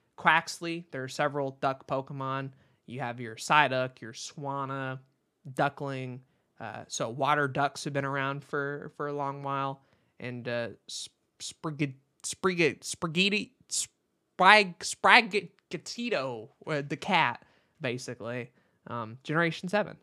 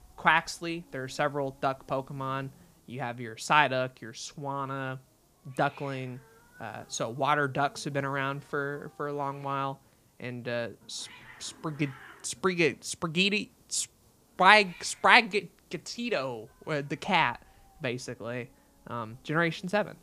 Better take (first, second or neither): first